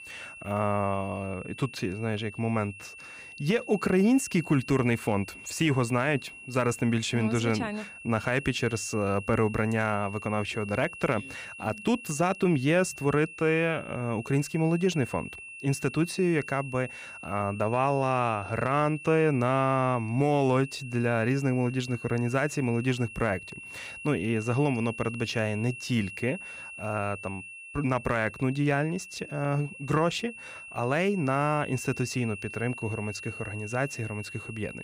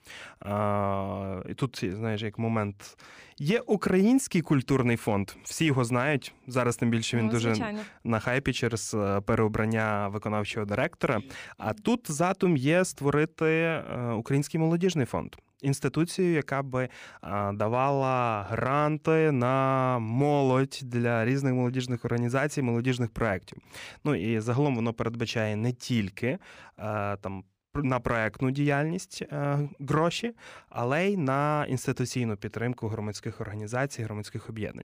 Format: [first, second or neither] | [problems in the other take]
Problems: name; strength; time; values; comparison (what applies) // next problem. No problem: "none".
second | high-pitched whine; noticeable; throughout; 2.5 kHz, 15 dB below the speech